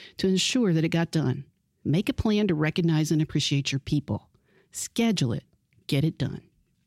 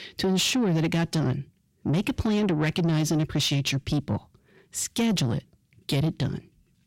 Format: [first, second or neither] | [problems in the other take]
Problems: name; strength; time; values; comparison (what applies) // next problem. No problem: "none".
first | distortion; slight; 10 dB below the speech